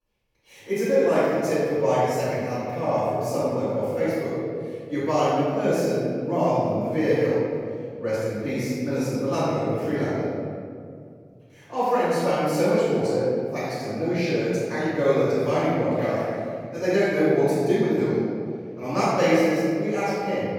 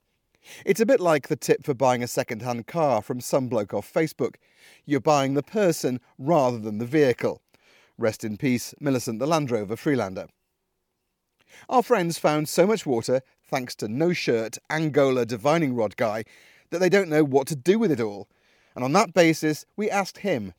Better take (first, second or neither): second